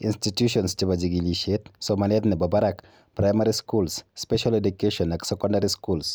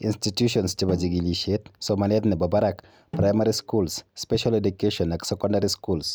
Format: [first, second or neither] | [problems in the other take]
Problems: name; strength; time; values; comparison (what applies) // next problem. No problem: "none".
first | background sound (Snare drum); 15 dB below the speech